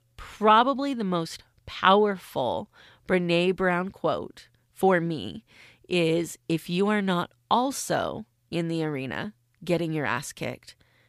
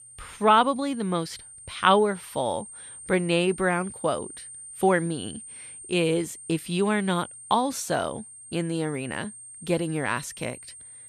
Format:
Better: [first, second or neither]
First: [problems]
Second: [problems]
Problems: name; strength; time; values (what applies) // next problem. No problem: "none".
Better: first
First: none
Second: high-pitched whine; noticeable; throughout; 8.5 kHz, 15 dB below the speech